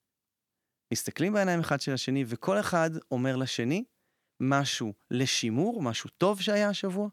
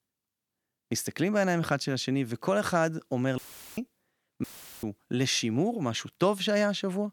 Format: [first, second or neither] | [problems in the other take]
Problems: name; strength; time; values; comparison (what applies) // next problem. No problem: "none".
first | audio cutting out; filled with static; at 3.5 s and at 4.5 s